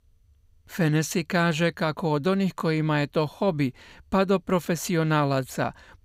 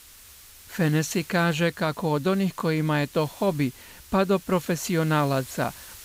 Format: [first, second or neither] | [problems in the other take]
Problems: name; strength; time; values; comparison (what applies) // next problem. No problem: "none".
first | hiss; noticeable; throughout; 20 dB below the speech